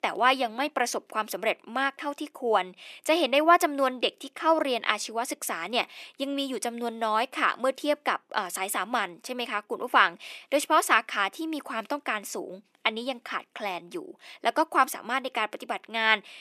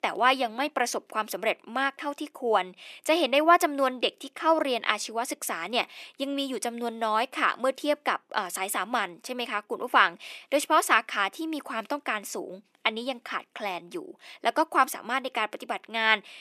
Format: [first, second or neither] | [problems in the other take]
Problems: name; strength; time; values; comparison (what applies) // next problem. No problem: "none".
neither | thin; somewhat; fading below 350 Hz; the same in both